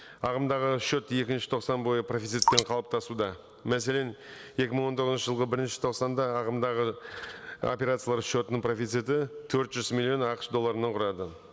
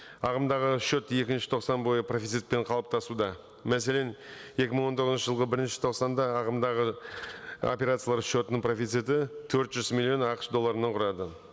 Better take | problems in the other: second | background sound (Drip); 3 dB below the speech

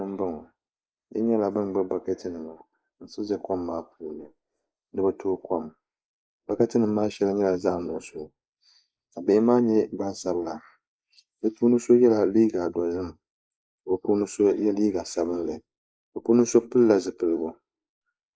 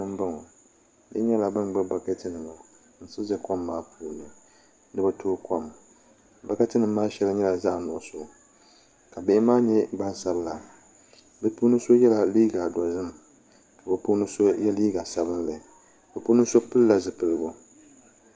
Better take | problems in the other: second | noise reduction (neural mask model Resemble Enhance denoiser)

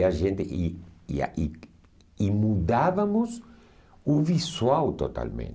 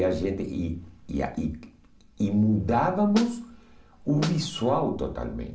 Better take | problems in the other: first | background sound (Snare drum); 9 dB below the speech // room echo; dies away in 0.4 s

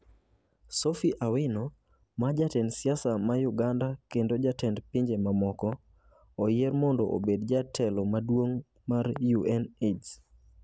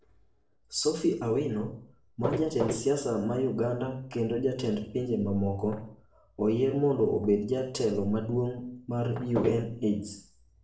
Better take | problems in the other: first | noise reduction (neural separator model SepFormer DNS4)

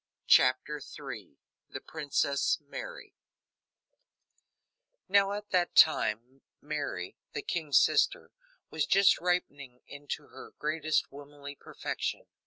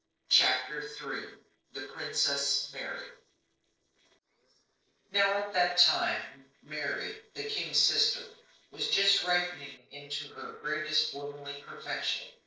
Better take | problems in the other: first | noise reduction (neural separator model SepFormer DNS4)

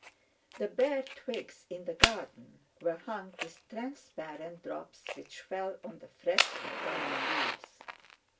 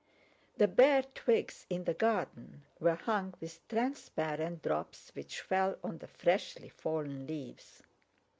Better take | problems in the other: second | background sound (Fire); 1 dB above the speech // room echo; dies away in 0.2 s

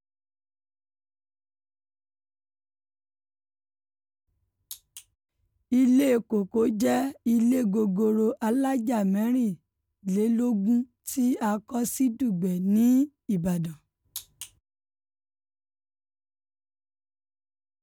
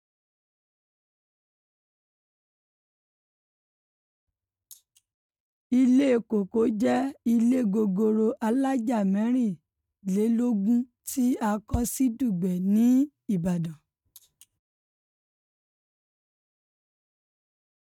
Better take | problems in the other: first | noise reduction (neural mask model RNNoise)

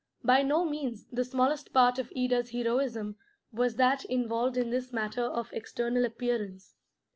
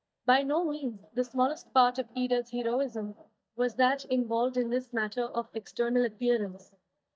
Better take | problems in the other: first | noise reduction (neural mask model DeepFilterNet 3)

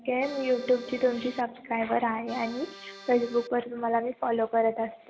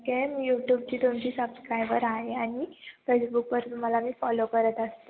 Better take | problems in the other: second | background sound (Accordion); 17 dB below the speech

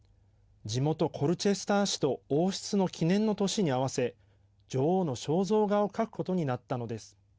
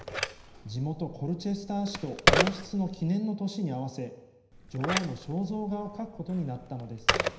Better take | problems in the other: first | background sound (Telephone); as loud as the speech // room echo; dies away in 0.9 s

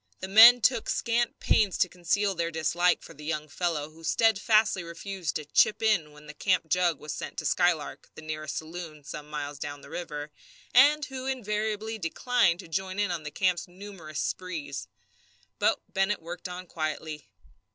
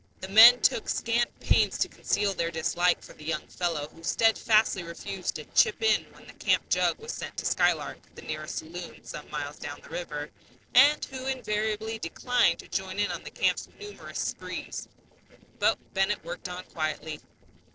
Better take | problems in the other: first | noise reduction (neural separator model SepFormer DNS4)

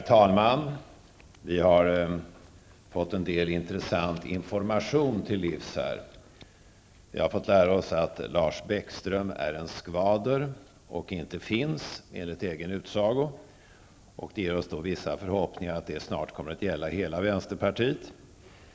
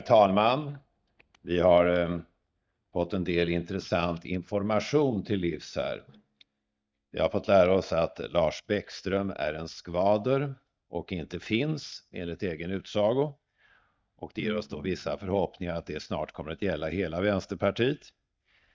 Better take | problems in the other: first | noise reduction (neural mask model DeepFilterNet 3)

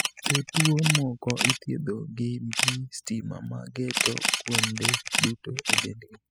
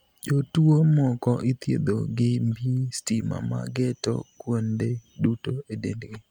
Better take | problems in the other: second | noise reduction (classical method spectral subtraction)

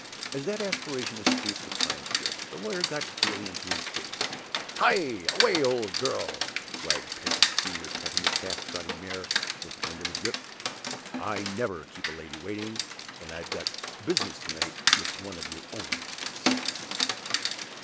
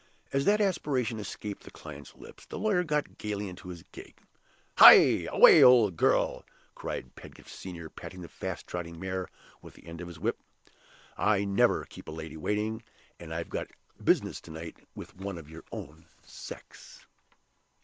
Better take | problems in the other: second | background sound (Rain); 3 dB above the speech

